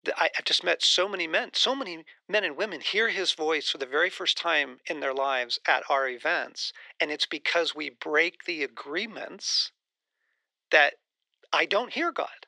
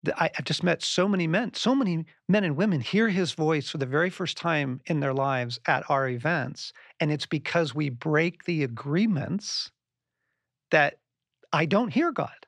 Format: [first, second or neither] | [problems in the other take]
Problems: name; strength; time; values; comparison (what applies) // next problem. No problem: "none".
second | thin; very; fading below 400 Hz